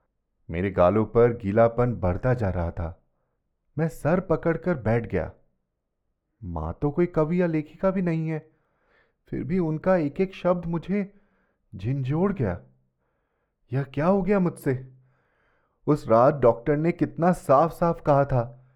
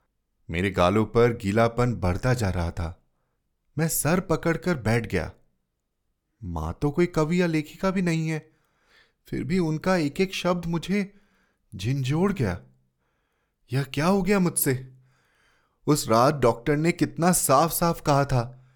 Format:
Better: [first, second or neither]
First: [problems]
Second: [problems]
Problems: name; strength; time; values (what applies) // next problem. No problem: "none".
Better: second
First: muffled; very; fading above 3 kHz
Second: none